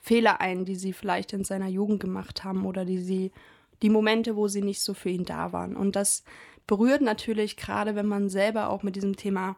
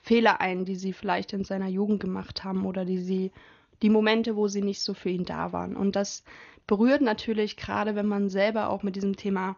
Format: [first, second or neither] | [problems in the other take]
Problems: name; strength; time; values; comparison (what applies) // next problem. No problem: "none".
first | garbled, watery; slightly; nothing above 6.5 kHz